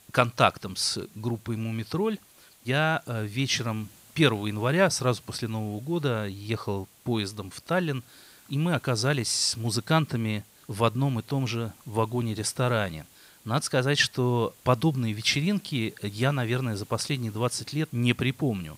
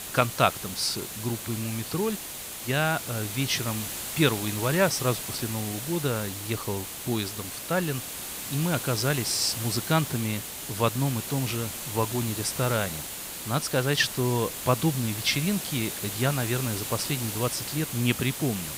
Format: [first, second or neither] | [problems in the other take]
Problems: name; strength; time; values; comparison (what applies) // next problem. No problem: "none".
first | hiss; loud; throughout; 5 dB below the speech; faint in the first